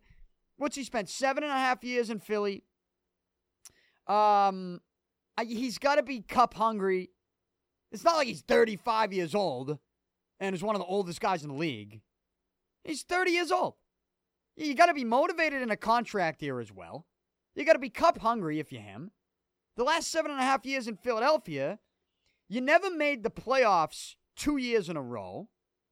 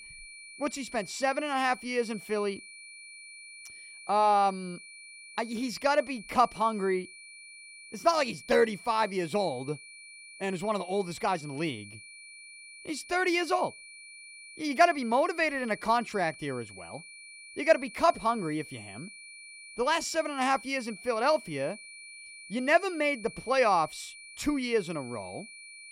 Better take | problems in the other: first | high-pitched whine; noticeable; throughout; 2.5 kHz, 15 dB below the speech

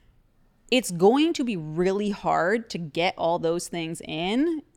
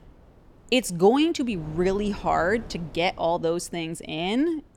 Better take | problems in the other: first | wind noise on the microphone; occasional gusts; 25 dB below the speech

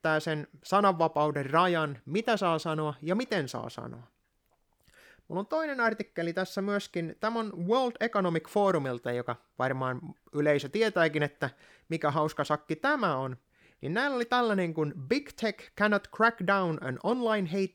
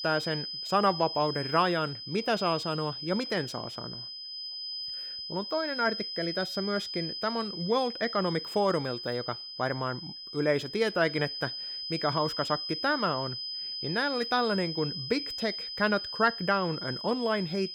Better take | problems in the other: first | high-pitched whine; loud; throughout; 5 kHz, 5 dB below the speech

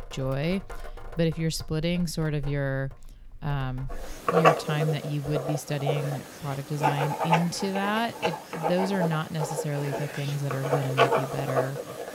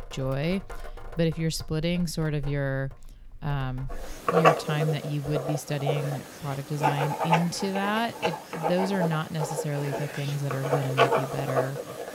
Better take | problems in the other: neither | household noises; very loud; throughout; 1 dB above the speech; the same in both

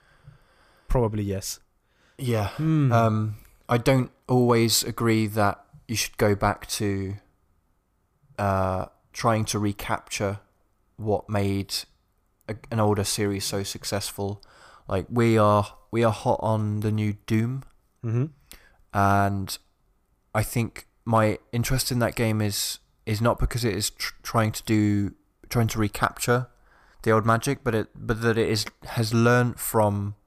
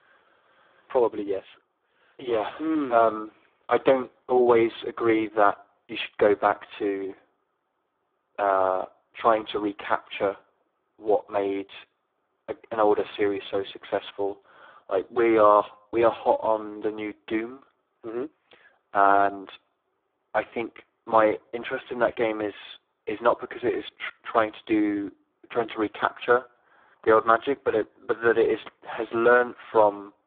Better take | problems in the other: first | phone-call audio; poor line

